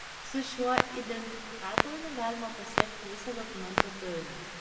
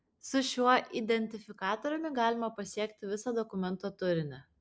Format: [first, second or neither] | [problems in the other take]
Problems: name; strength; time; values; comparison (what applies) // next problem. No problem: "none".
second | background sound (Clock); 2 dB above the speech // room echo; dies away in 1.6 s